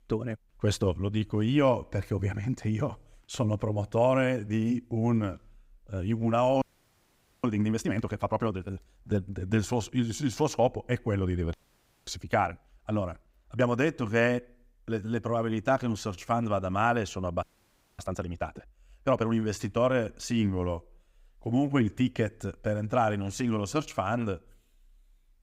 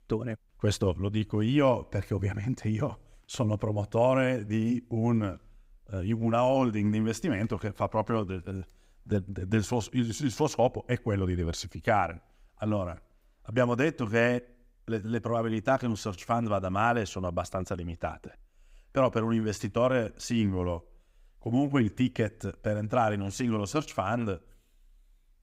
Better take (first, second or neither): second